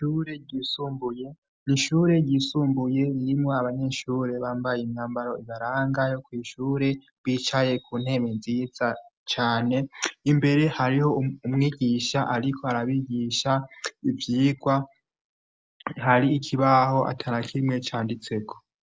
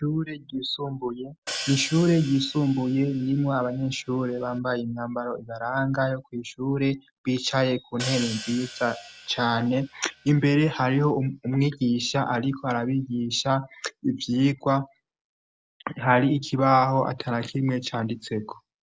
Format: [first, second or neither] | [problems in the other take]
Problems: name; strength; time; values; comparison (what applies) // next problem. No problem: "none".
first | background sound (Hi-hat); 14 dB below the speech